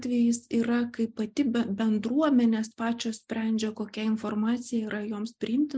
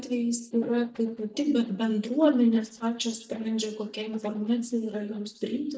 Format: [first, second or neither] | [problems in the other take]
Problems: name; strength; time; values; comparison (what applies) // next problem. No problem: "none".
first | noise reduction (neural mask model DeepFilterNet 3)